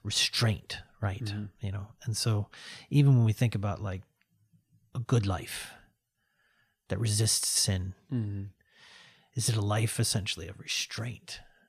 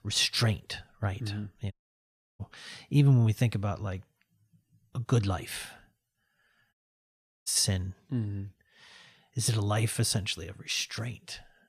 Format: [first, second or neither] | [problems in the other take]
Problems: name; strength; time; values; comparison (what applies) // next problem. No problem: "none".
first | audio cutting out; at 1.5 s for 0.5 s and at 6.5 s for 0.5 s